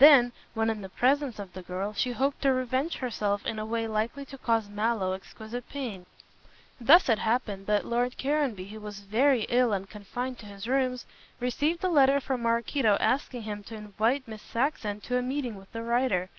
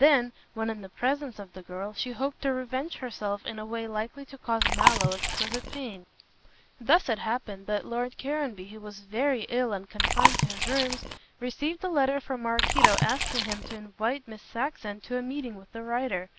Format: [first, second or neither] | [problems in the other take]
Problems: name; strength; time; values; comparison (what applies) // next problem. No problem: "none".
first | background sound (Chewing, mastication); 5 dB above the speech